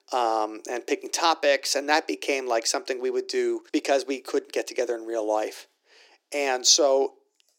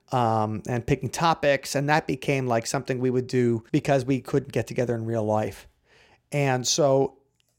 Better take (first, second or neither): second